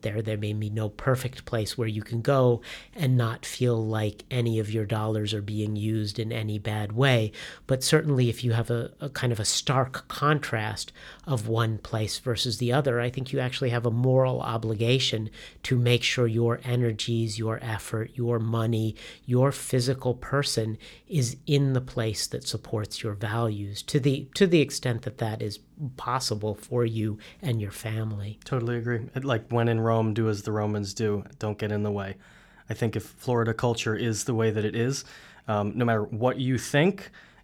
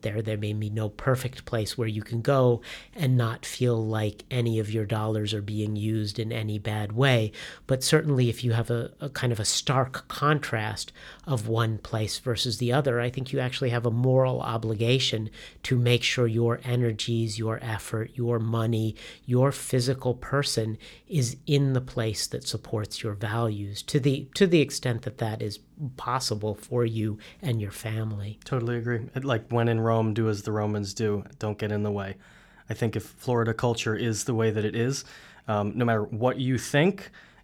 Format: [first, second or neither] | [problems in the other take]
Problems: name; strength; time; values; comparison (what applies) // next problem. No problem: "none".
neither | none